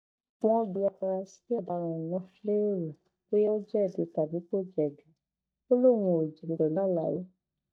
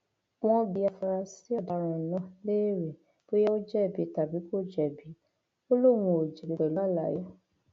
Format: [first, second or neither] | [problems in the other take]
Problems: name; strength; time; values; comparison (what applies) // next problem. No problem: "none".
second | noise reduction (neural mask model DeepFilterNet 3)